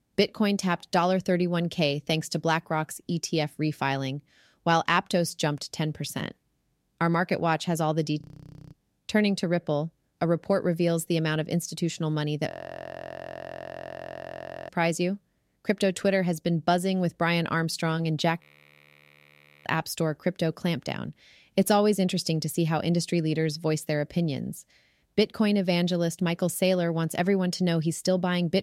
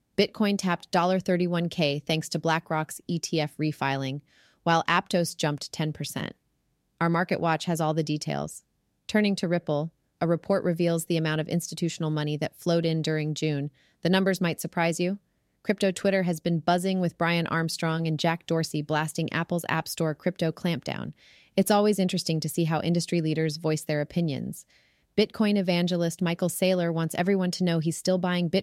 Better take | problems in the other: second | audio freezing; at 8 s for 0.5 s, at 12 s for 2 s and at 18 s for 1.5 s

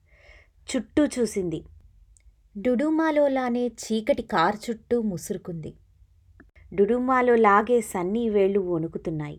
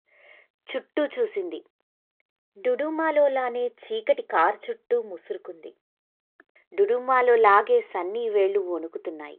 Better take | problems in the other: first | phone-call audio

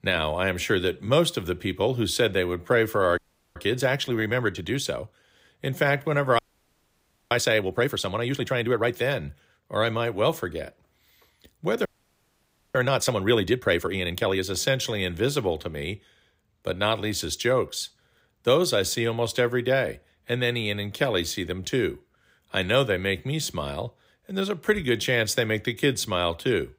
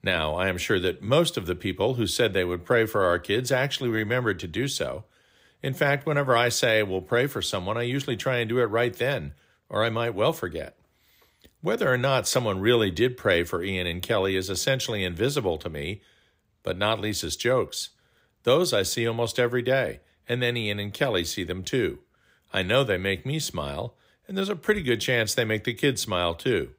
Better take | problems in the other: second | audio freezing; at 3 s, at 6.5 s for 1 s and at 12 s for 1 s

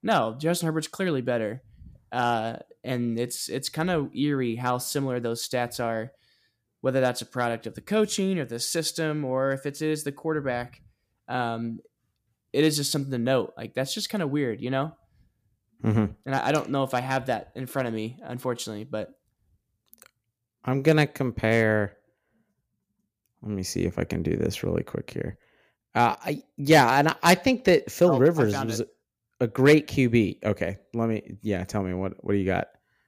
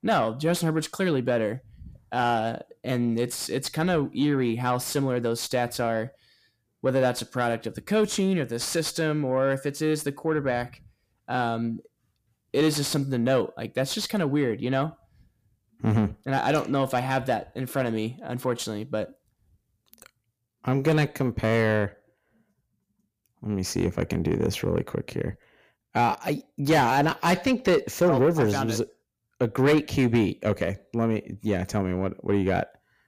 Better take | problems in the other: first | distortion; slight; 10 dB below the speech

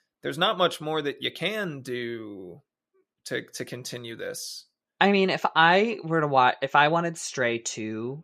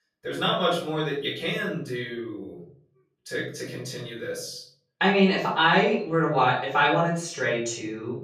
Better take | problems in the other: first | off-mic speech; far // room echo; noticeable; dies away in 0.5 s

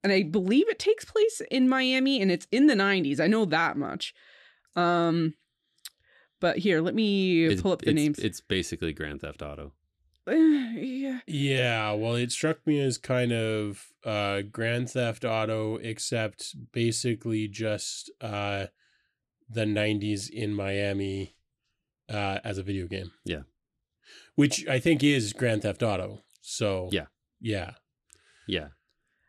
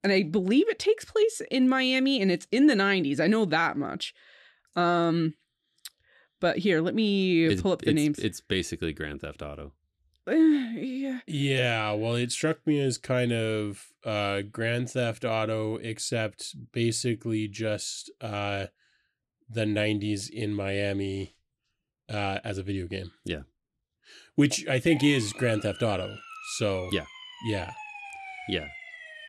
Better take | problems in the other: first | siren; faint; from 25 s on; peak 15 dB below the speech

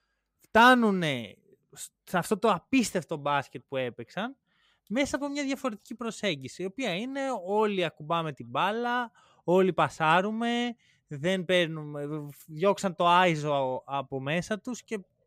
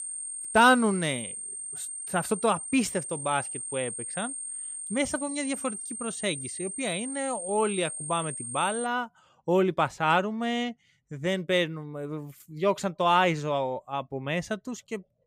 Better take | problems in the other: first | high-pitched whine; loud; until 9 s; 8.5 kHz, 6 dB below the speech

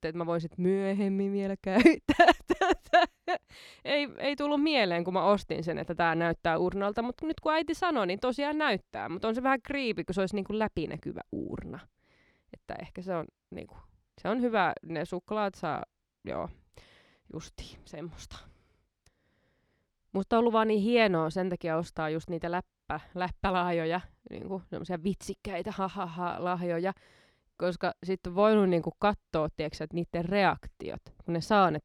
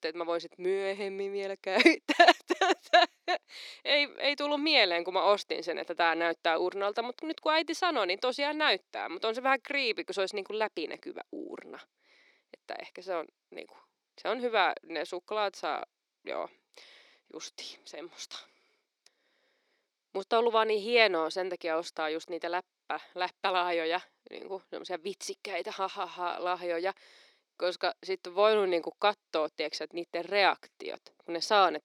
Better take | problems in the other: first | thin; somewhat; fading below 350 Hz

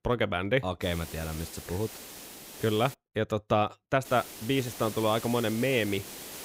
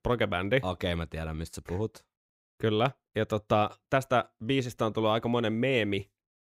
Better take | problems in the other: second | hiss; noticeable; from 1 to 3 s and from 4 s on; 10 dB below the speech

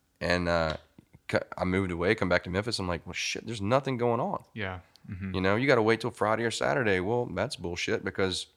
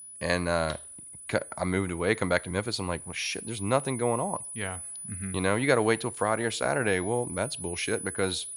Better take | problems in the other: first | high-pitched whine; loud; throughout; 10 kHz, 9 dB below the speech

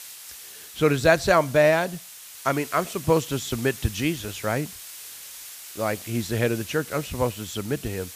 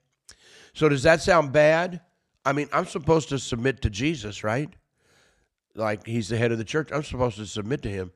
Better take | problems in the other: second | hiss; noticeable; throughout; 15 dB below the speech

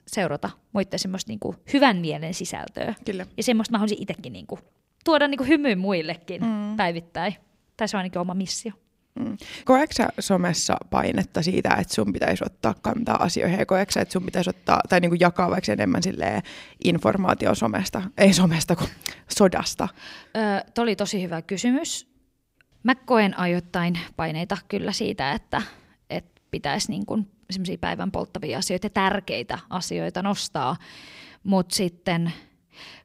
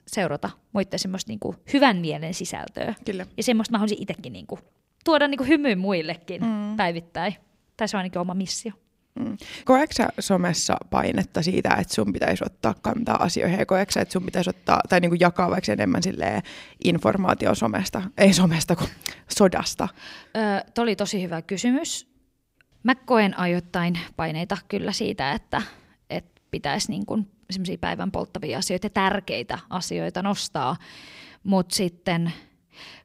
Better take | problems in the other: neither | none

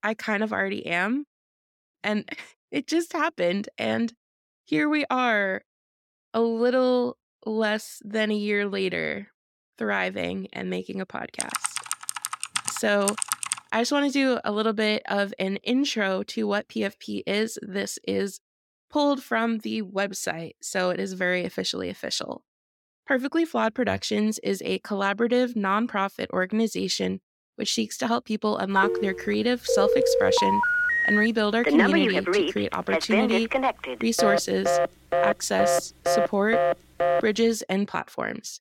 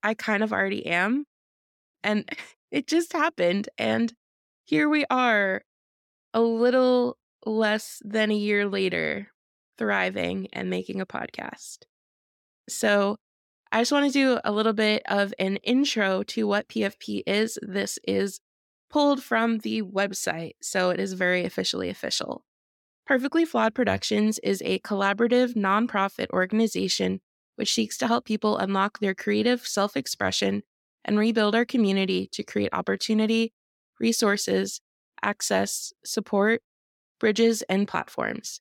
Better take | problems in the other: second | keyboard typing; noticeable; from 11 to 14 s; peak level with the speech // phone ringing; loud; from 29 to 37 s; peak 6 dB above the speech

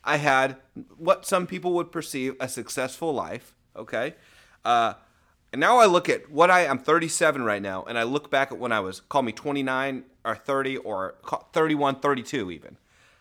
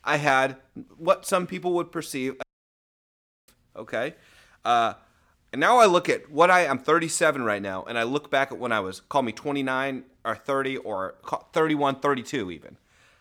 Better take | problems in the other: first | audio cutting out; at 2.5 s for 1 s

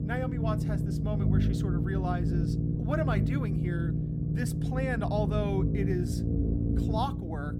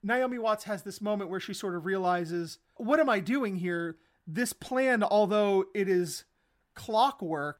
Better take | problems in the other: second | low rumble; loud; throughout; 3 dB below the speech

